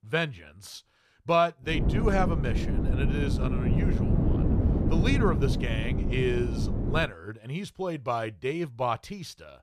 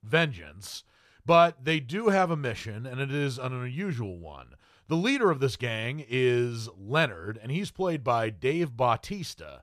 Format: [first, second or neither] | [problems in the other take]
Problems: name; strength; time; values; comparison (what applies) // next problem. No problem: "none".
second | wind noise on the microphone; heavy; from 1.5 to 7 s; 6 dB below the speech